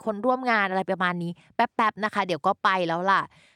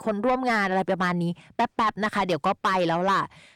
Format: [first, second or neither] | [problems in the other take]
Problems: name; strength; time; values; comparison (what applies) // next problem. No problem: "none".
first | distortion; heavy; 8 dB below the speech